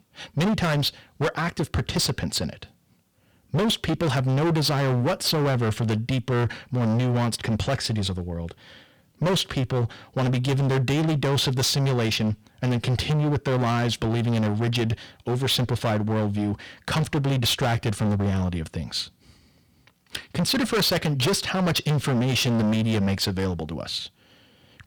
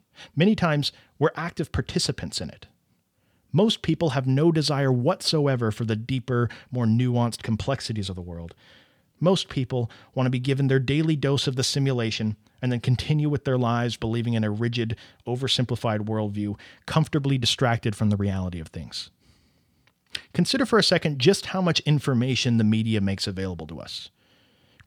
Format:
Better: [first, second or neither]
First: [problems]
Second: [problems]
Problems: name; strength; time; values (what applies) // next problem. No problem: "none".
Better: second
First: distortion; heavy; 23% of the sound clipped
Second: none